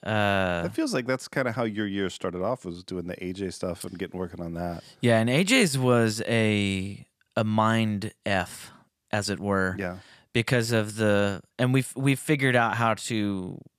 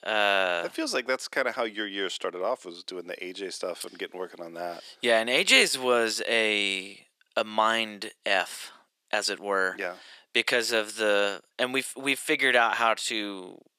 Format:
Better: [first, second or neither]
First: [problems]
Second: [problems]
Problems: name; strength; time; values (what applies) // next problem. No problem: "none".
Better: first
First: none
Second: thin; somewhat; fading below 350 Hz